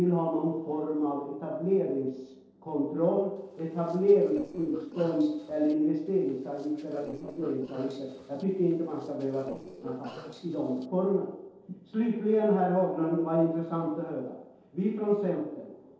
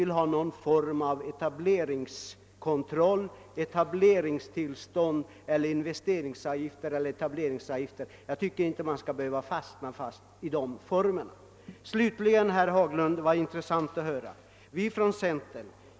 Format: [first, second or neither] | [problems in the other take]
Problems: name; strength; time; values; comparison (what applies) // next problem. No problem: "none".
second | noise reduction (neural separator model SepFormer DNS4)